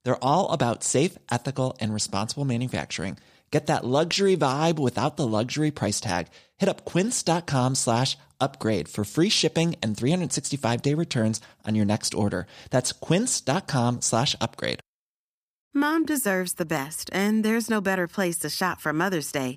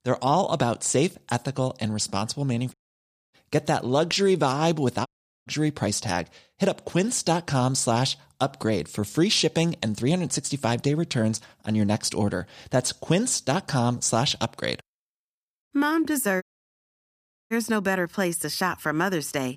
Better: first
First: none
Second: audio cutting out; at 2.5 s for 0.5 s, at 5 s and at 16 s for 1 s

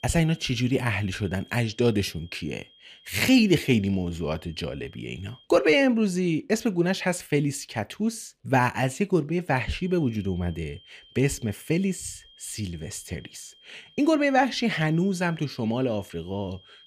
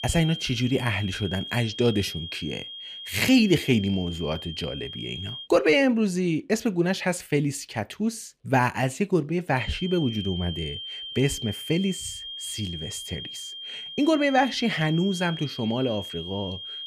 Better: first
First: high-pitched whine; faint; until 5.5 s and from 9.5 s on; 3 kHz, 25 dB below the speech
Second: high-pitched whine; loud; until 5.5 s and from 9.5 s on; 3 kHz, 10 dB below the speech

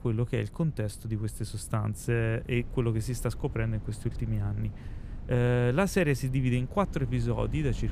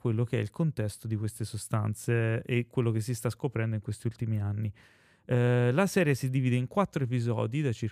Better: second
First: wind noise on the microphone; occasional gusts; 20 dB below the speech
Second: none

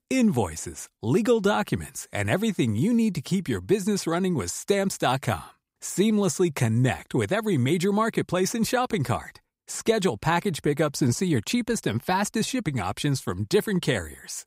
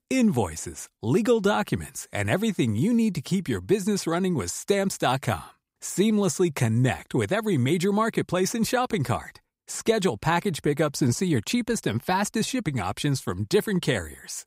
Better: neither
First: none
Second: none

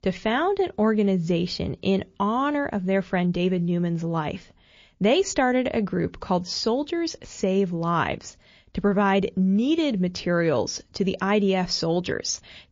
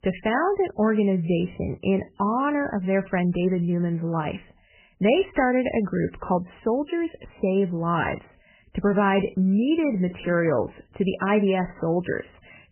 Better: first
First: garbled, watery; slightly; nothing above 6 kHz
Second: garbled, watery; badly; nothing above 3 kHz

